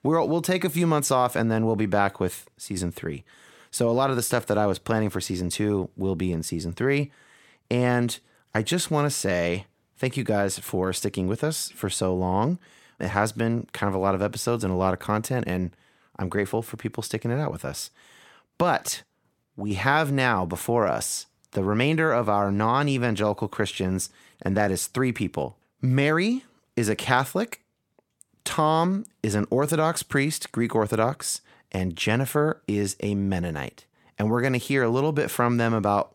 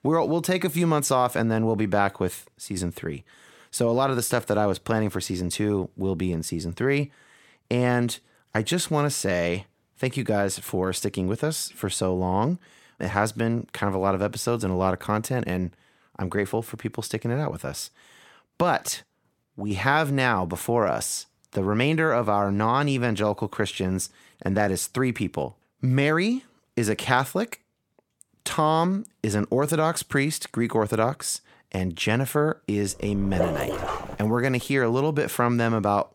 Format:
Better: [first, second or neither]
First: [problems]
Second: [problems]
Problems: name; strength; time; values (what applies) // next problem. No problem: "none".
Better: first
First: none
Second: dog barking; noticeable; from 33 to 34 s; peak 2 dB below the speech